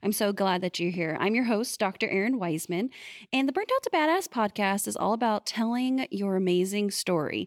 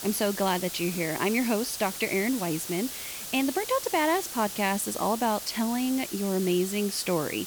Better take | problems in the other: first | hiss; loud; throughout; 7 dB below the speech

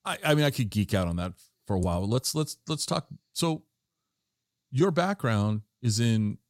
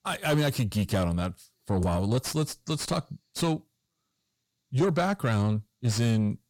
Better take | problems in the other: first | distortion; slight; 10 dB below the speech

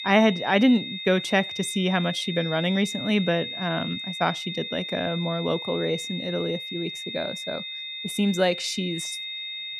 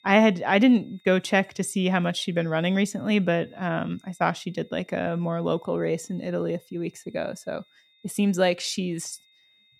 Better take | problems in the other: second | high-pitched whine; loud; throughout; 3.5 kHz, 6 dB below the speech; faint in the second

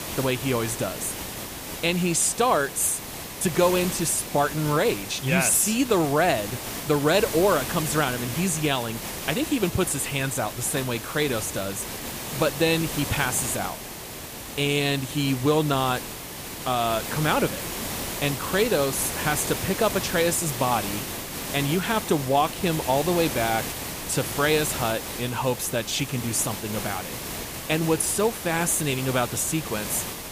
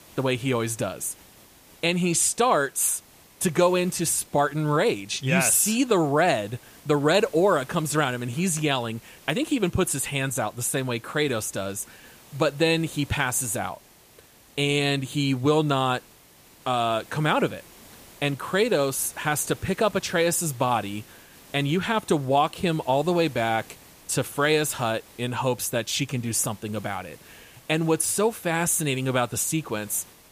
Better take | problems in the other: second | hiss; loud; throughout; 7 dB below the speech; faint in the second

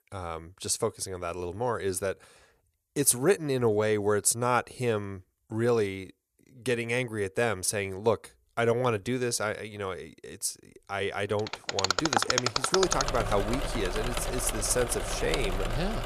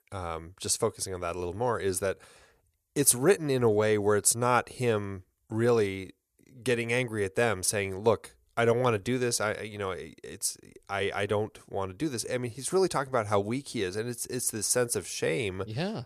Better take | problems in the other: second | machinery noise; loud; from 12 s on; 1 dB below the speech

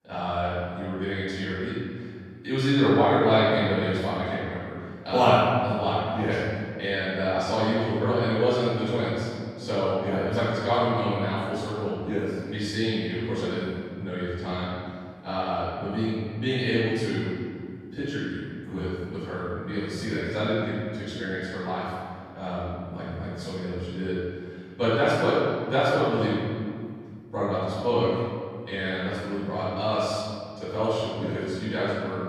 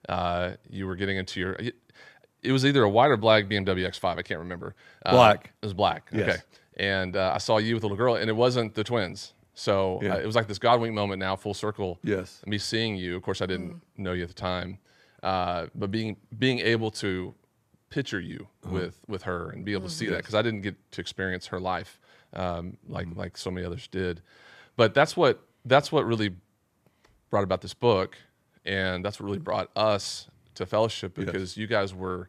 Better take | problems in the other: second | room echo; strong; dies away in 2.2 s // off-mic speech; far

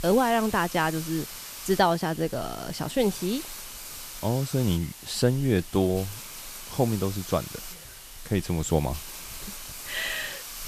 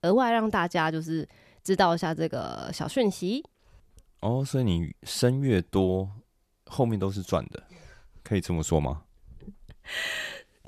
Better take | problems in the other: second | hiss; noticeable; throughout; 10 dB below the speech

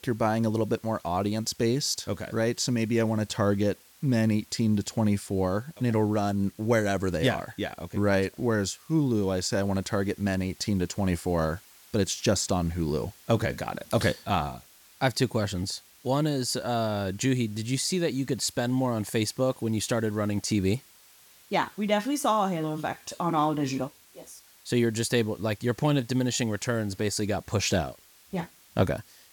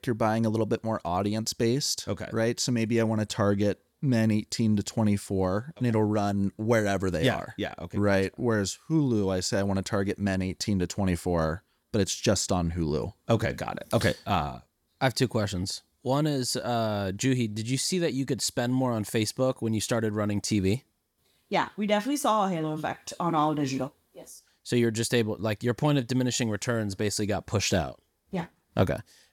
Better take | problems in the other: second | hiss; faint; throughout; 25 dB below the speech

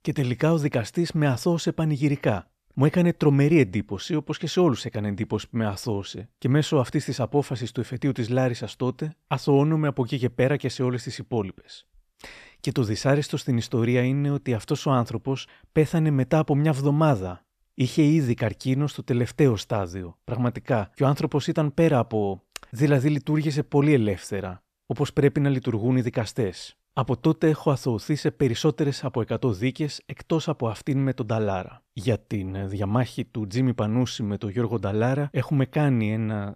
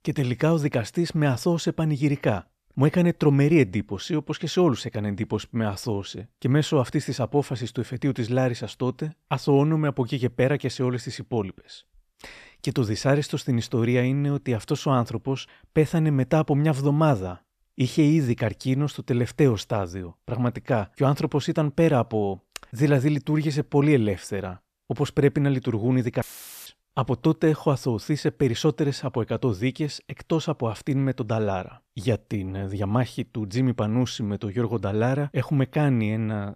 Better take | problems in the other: first | audio cutting out; filled with static; at 26 s

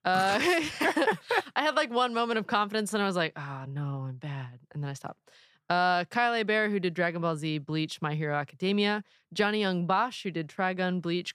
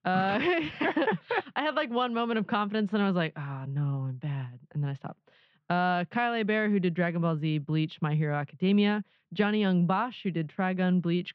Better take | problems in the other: first | muffled; slightly; fading above 3 kHz

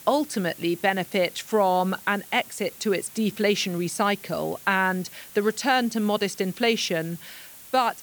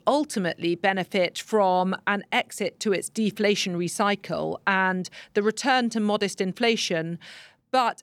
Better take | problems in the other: second | hiss; noticeable; throughout; 15 dB below the speech

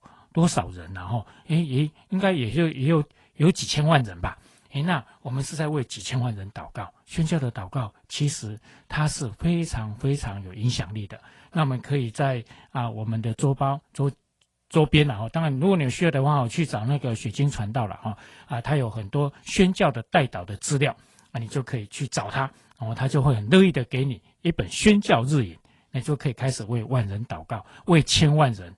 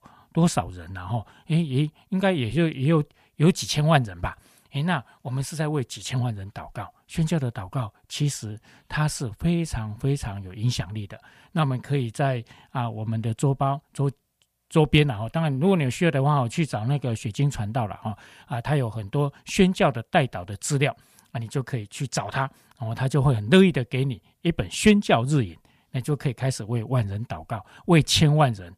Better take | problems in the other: second | garbled, watery; slightly; nothing above 10.5 kHz

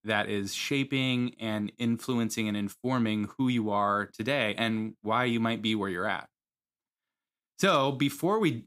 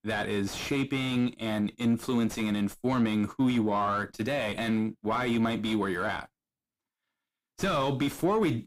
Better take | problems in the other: first | distortion; heavy; 7 dB below the speech

